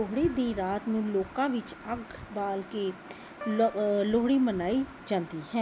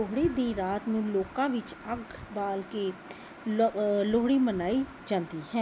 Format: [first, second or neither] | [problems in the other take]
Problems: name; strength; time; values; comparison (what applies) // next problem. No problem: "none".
second | background sound (Piano); 17 dB below the speech